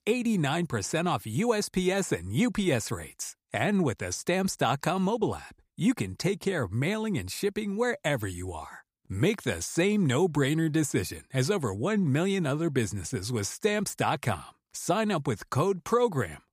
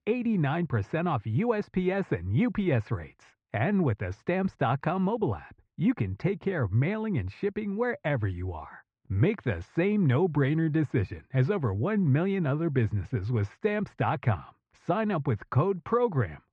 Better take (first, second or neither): first